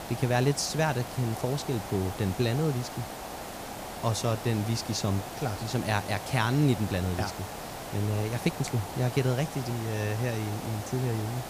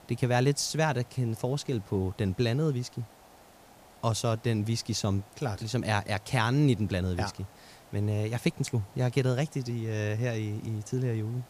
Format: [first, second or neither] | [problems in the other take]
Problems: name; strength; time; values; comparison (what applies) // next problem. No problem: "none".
second | hiss; loud; throughout; 9 dB below the speech; faint in the second